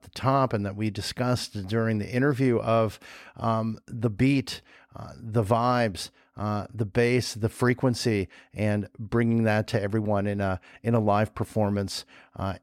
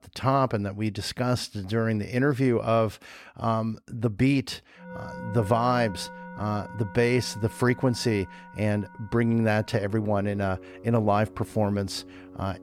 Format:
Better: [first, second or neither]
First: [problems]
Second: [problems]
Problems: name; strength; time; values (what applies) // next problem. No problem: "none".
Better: first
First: none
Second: background music; noticeable; from 5 s on; 15 dB below the speech